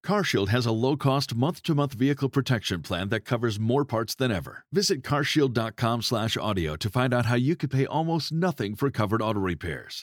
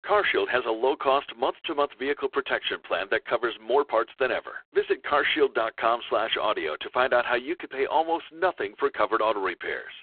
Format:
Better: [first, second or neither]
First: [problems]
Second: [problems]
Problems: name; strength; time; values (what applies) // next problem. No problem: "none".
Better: first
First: none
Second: phone-call audio; poor line